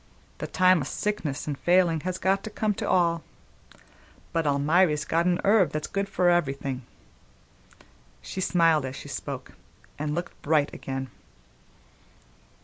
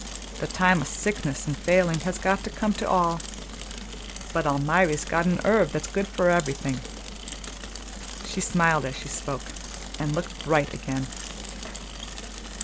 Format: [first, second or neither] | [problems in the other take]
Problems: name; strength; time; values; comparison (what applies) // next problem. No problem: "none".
first | background sound (Mechanisms / Bicycle); 10 dB below the speech